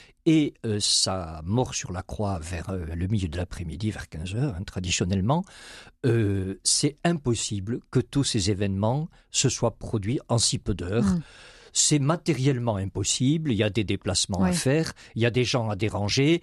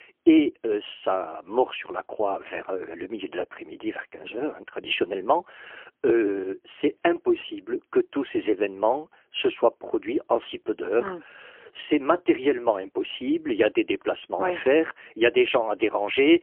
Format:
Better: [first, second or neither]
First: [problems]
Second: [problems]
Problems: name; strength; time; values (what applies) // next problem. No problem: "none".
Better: first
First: none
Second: phone-call audio; poor line; nothing above 3 kHz